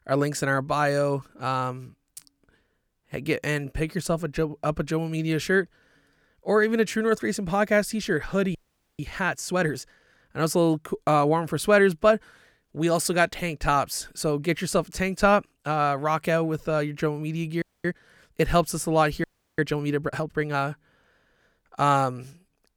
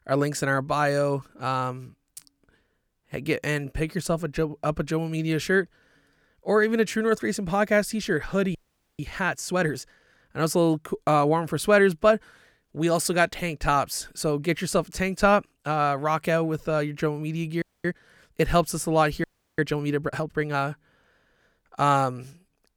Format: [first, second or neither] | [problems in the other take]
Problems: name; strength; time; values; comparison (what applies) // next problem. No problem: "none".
neither | audio freezing; at 8.5 s, at 18 s and at 19 s; the same in both